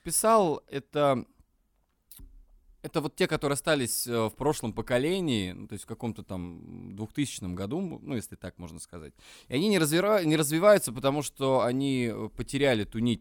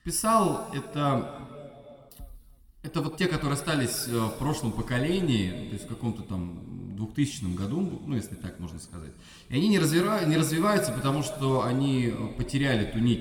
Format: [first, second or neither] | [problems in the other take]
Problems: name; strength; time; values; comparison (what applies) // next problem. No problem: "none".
first | room echo; slight; dies away in 2.1 s